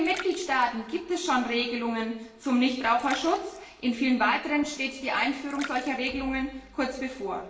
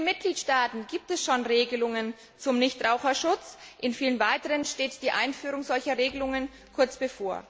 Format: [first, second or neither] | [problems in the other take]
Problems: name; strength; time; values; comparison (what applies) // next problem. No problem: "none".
second | background sound (Splash, splatter); 18 dB below the speech // room echo; dies away in 0.8 s